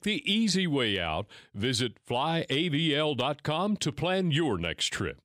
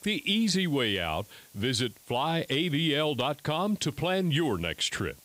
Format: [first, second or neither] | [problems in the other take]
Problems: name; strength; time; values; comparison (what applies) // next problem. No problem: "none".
first | hiss; faint; throughout; 25 dB below the speech